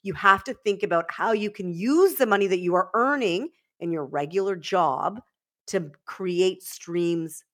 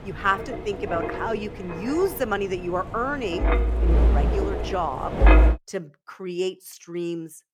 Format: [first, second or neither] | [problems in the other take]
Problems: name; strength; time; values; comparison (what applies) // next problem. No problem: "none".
first | wind noise on the microphone; heavy; until 5.5 s; 2 dB below the speech